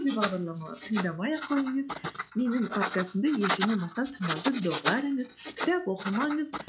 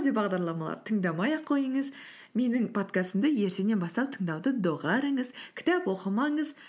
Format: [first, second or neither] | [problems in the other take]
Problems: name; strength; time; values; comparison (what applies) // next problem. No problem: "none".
second | noise reduction (classical method log-MMSE)